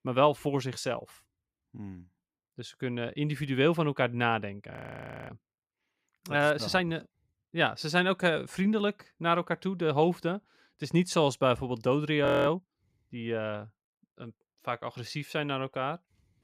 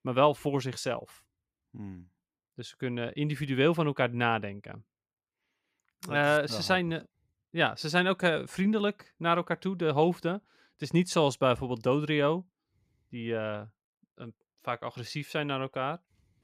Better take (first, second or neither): second